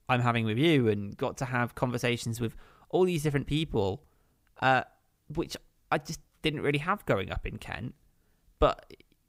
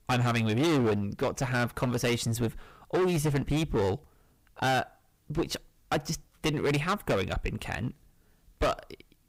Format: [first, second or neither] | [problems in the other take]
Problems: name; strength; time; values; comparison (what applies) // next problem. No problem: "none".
first | distortion; heavy; 13% of the sound clipped